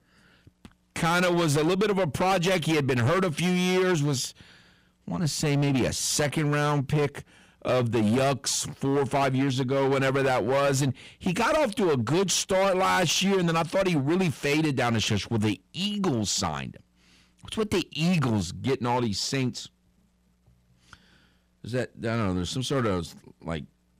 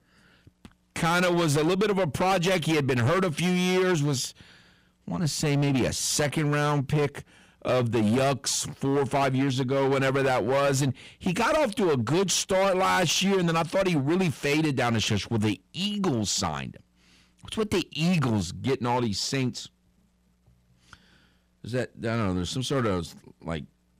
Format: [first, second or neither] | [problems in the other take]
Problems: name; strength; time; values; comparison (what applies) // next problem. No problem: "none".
neither | distortion; heavy; 15% of the sound clipped; the same in both